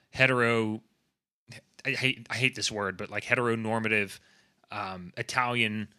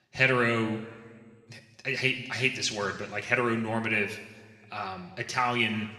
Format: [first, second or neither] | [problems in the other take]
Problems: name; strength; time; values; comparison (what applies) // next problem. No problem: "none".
first | room echo; slight; dies away in 1.4 s